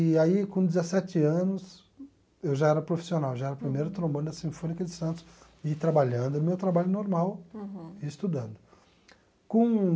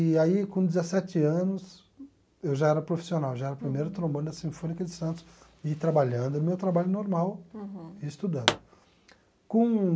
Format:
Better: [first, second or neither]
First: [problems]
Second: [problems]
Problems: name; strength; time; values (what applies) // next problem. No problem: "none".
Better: first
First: none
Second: background sound (Explosion); 3 dB below the speech